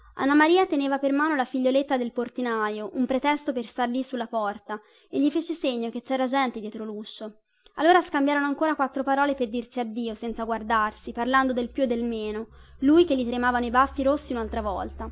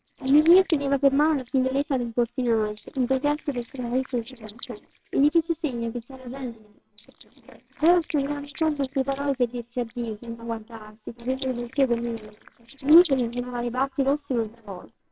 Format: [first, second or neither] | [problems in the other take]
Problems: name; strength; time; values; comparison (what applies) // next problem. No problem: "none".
first | noise reduction (neural separator model SepFormer WHAMR!)